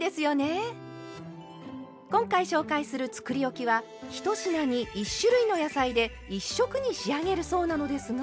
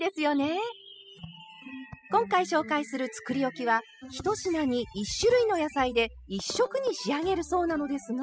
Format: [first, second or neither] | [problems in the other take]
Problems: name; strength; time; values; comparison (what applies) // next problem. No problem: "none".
first | noise reduction (classical method spectral subtraction)